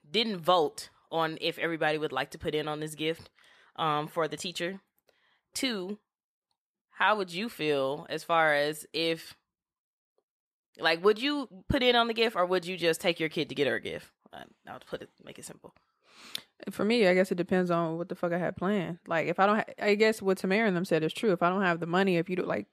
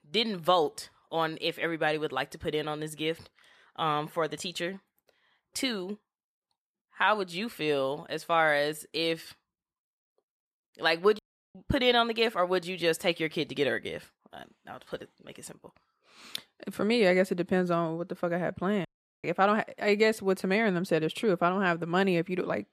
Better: first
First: none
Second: audio cutting out; at 11 s and at 19 s

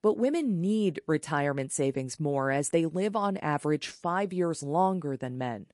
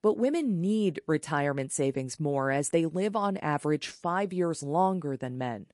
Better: neither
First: garbled, watery; slightly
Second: garbled, watery; slightly

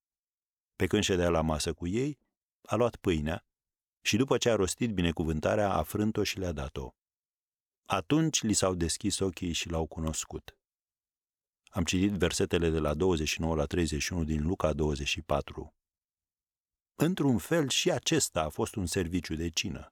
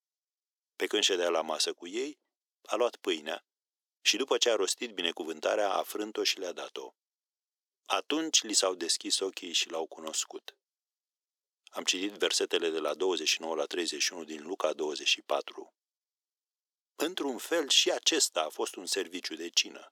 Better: first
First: none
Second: thin; somewhat; fading below 350 Hz

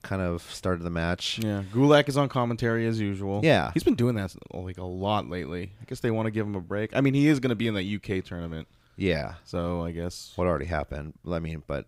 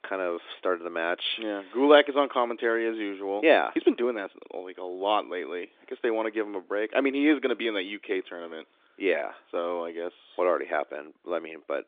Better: first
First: none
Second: phone-call audio

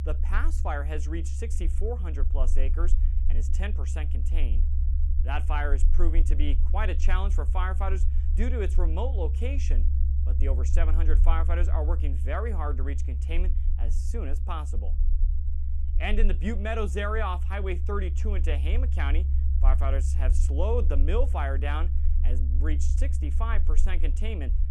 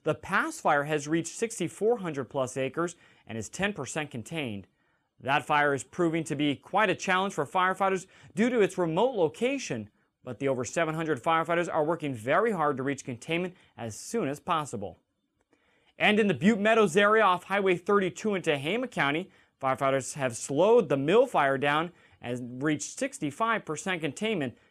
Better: second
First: low rumble; noticeable; throughout; 10 dB below the speech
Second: none

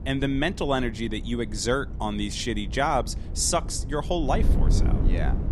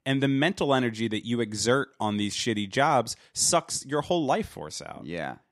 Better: second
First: wind noise on the microphone; occasional gusts; 15 dB below the speech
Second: none

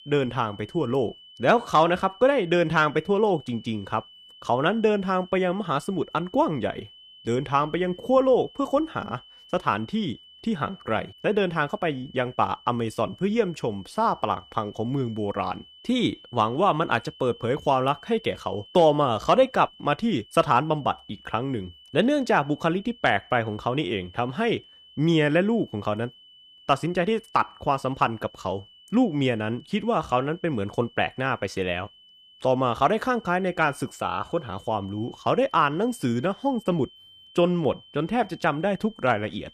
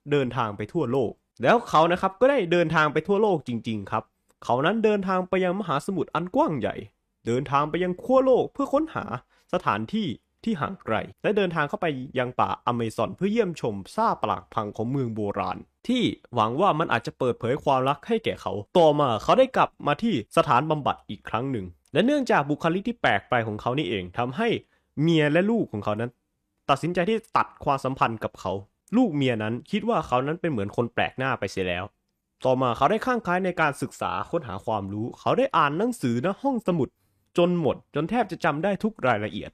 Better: second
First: high-pitched whine; faint; throughout; 3 kHz, 25 dB below the speech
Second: none

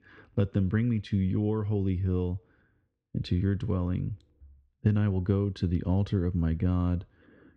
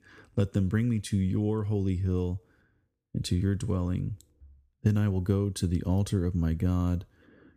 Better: second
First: muffled; slightly; fading above 3.5 kHz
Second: none

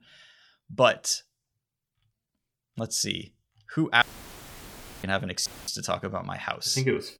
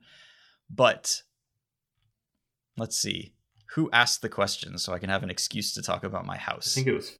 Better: second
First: audio cutting out; filled with static; at 4 s for 1 s and at 5.5 s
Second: none

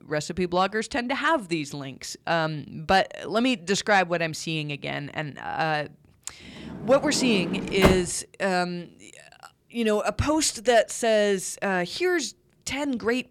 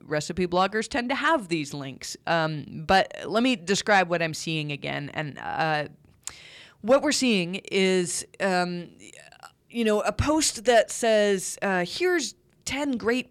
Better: second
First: door banging; loud; at 7 s; peak 2 dB above the speech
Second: none

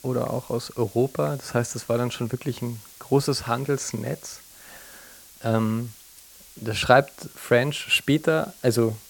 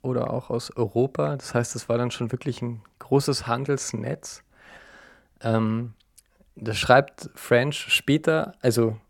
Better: second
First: hiss; faint; throughout; 20 dB below the speech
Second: none

